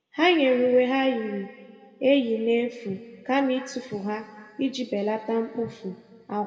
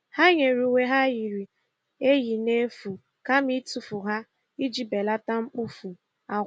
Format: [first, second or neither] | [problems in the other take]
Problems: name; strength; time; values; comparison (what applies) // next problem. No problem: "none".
second | room echo; dies away in 1.8 s